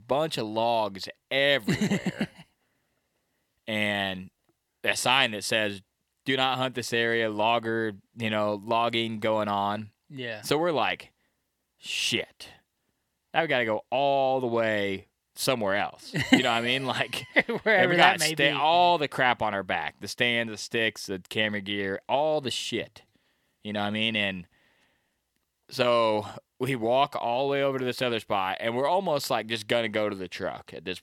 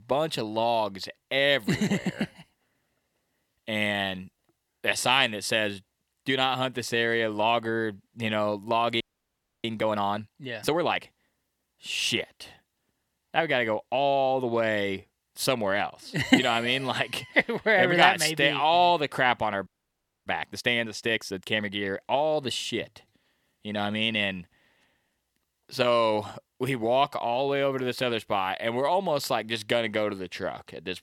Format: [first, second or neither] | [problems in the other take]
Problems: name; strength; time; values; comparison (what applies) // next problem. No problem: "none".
first | audio freezing; at 9 s for 0.5 s and at 20 s for 0.5 s